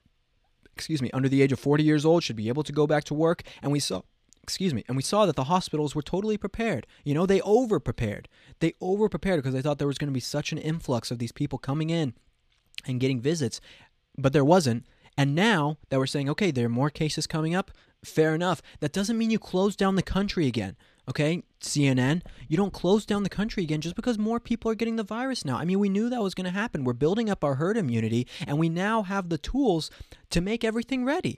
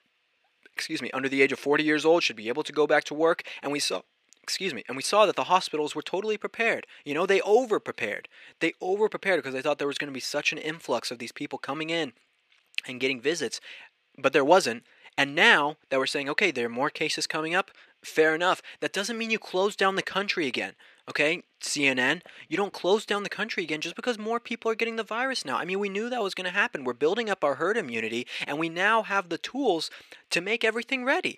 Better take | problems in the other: first | thin; somewhat; fading below 400 Hz

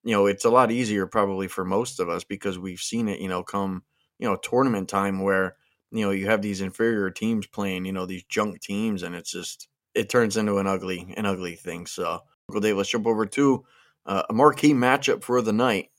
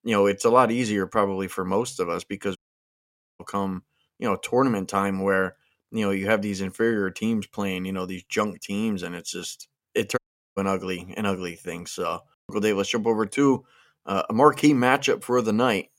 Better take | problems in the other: first | audio cutting out; at 2.5 s for 1 s and at 10 s

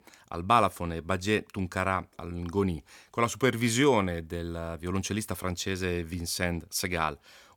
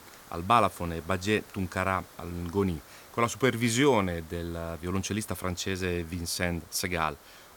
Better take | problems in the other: first | hiss; faint; throughout; 20 dB below the speech

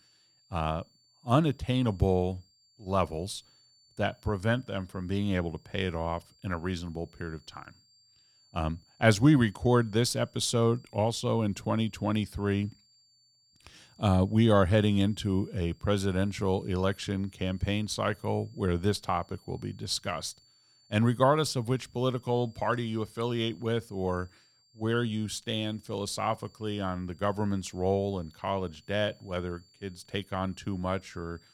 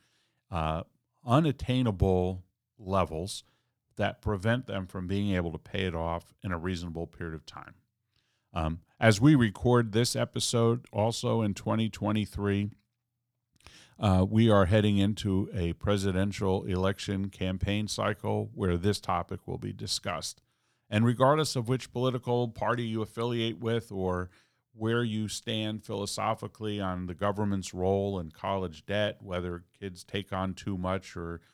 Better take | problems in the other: second | high-pitched whine; faint; throughout; 4.5 kHz, 30 dB below the speech

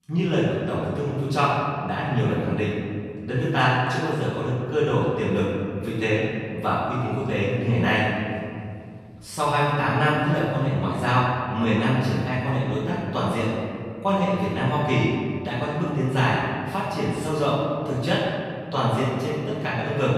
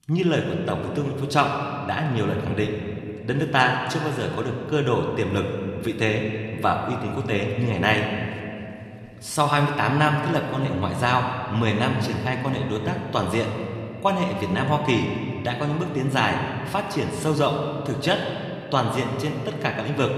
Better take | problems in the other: second | room echo; strong; dies away in 2.2 s; slight in the second // off-mic speech; far

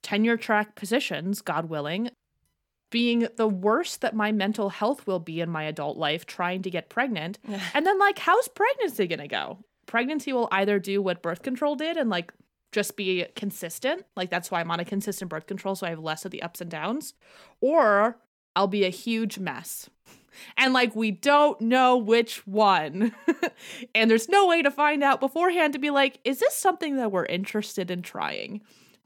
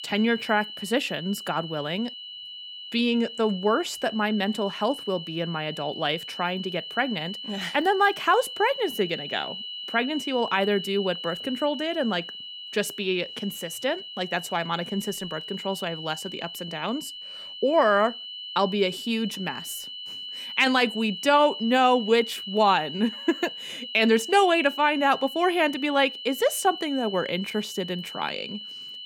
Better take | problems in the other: first | high-pitched whine; loud; throughout; 3 kHz, 10 dB below the speech

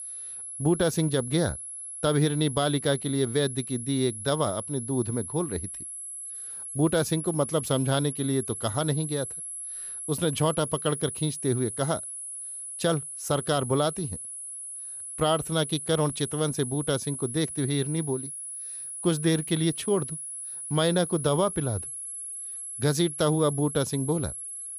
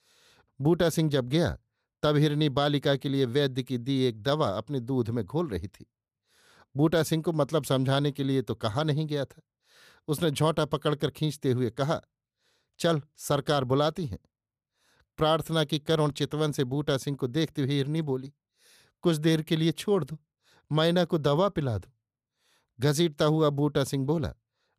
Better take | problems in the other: second | high-pitched whine; loud; throughout; 10.5 kHz, 7 dB below the speech

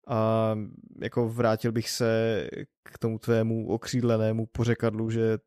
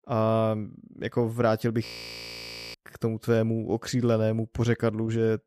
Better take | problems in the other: first | audio freezing; at 2 s for 1 s

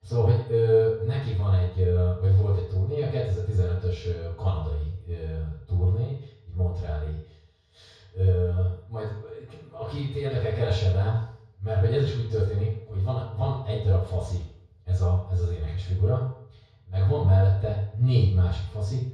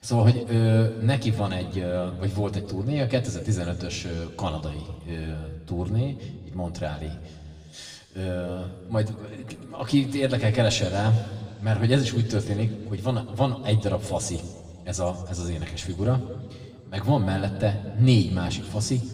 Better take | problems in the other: second | room echo; strong; dies away in 0.7 s; slight in the second // off-mic speech; far; somewhat distant in the second

